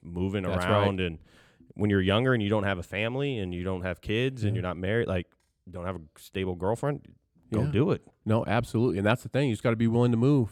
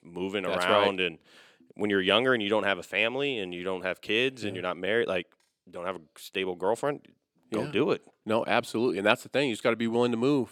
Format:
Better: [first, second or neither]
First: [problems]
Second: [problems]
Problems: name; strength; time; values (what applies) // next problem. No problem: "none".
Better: first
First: none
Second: thin; somewhat; fading below 300 Hz